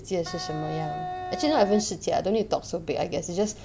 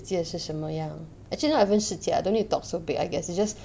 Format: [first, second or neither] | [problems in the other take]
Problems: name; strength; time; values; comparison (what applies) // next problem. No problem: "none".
second | background sound (Wind instrument, woodwind instrument); 8 dB below the speech